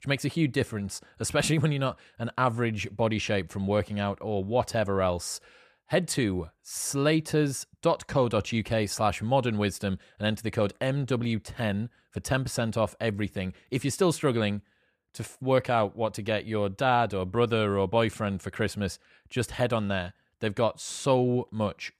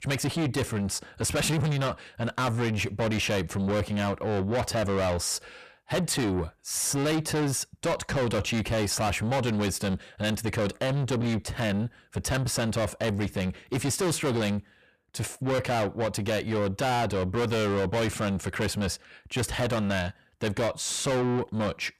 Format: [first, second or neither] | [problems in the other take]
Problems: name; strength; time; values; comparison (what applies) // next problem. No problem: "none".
first | distortion; heavy; 6 dB below the speech